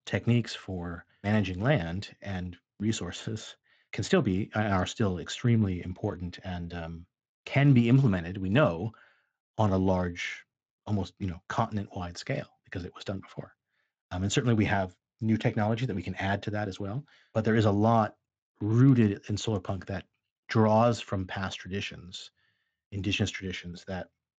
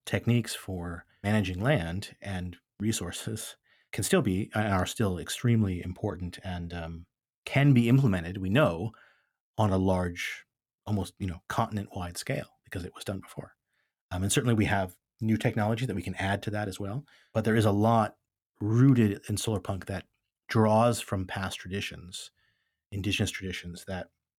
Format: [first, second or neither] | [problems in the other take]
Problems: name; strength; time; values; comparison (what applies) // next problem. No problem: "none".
second | garbled, watery; slightly; nothing above 7.5 kHz